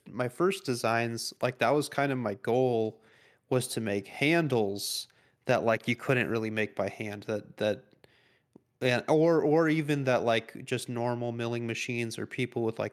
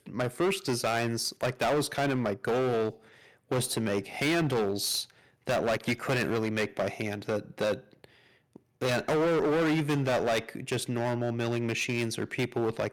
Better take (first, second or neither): first